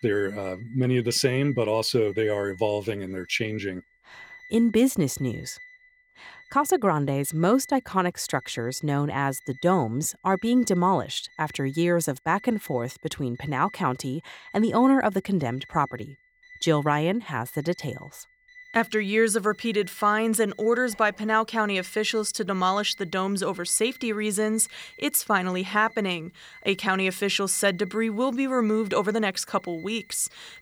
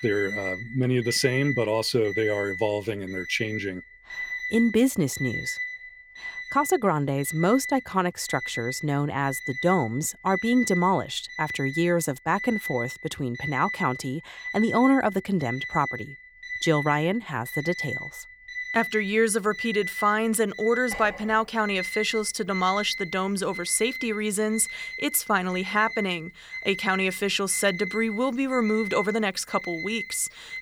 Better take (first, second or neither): first